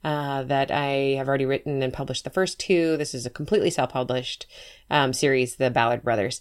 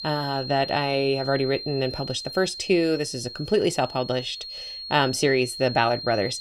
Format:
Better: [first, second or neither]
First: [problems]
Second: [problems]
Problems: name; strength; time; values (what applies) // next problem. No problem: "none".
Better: first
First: none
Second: high-pitched whine; loud; throughout; 4 kHz, 10 dB below the speech